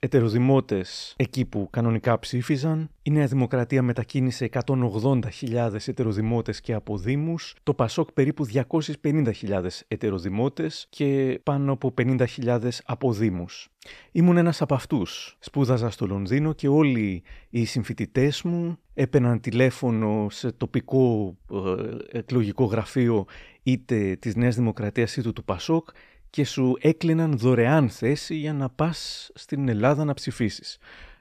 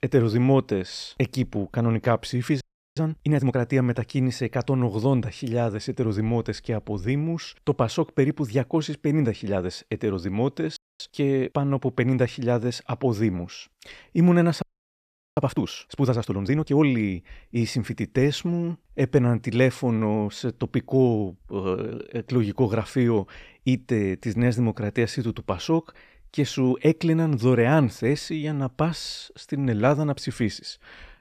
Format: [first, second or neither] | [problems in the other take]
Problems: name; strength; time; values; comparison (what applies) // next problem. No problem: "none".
first | audio freezing; at 2.5 s, at 11 s and at 15 s for 1 s